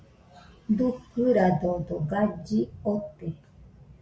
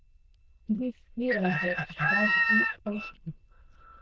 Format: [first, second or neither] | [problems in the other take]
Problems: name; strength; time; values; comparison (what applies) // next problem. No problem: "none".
first | noise reduction (neural diffusion model UNIVERSE++)